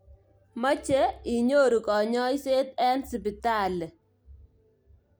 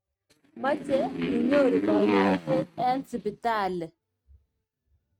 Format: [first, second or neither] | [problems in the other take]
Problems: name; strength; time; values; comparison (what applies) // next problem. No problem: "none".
first | noise reduction (neural mask model RNNoise)